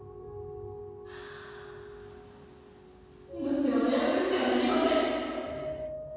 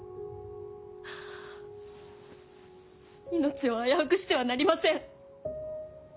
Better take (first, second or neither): second